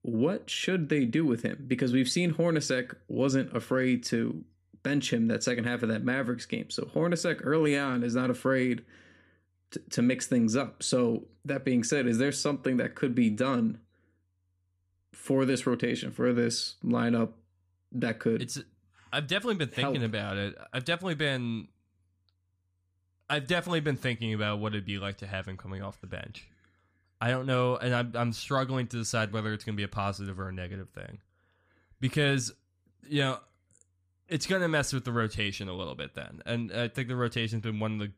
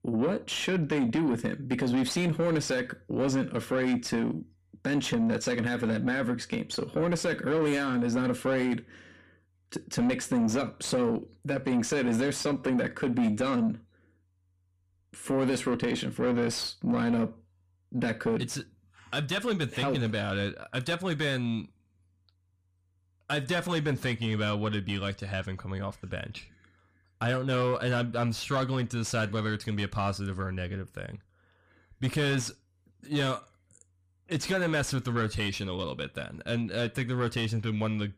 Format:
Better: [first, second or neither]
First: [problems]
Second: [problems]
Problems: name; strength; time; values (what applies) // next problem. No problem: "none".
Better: first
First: none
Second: distortion; slight; 10 dB below the speech